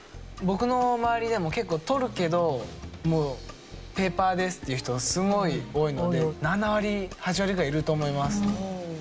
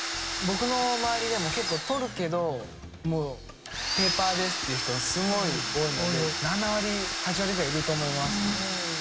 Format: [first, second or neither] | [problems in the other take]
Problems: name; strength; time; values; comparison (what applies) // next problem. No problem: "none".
first | background sound (Domestic sounds, home sounds); 2 dB below the speech